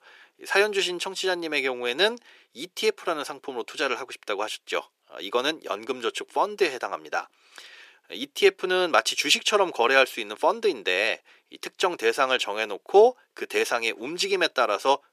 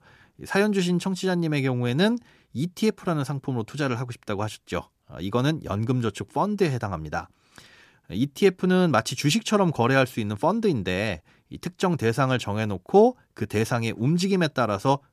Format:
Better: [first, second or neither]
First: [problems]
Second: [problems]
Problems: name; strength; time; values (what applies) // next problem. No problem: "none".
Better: second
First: thin; very; fading below 400 Hz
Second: none